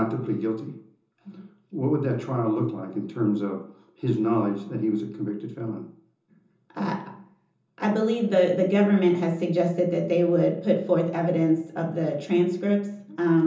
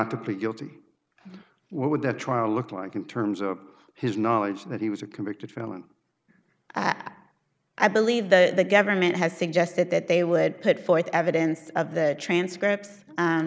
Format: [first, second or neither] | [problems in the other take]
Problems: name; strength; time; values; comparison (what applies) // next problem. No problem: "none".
second | room echo; dies away in 0.6 s